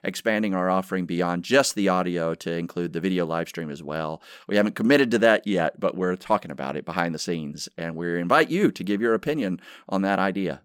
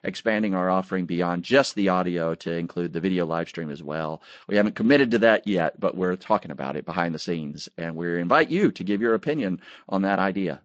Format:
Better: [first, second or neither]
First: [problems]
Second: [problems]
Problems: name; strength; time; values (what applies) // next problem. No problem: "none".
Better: first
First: none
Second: garbled, watery; slightly; nothing above 8 kHz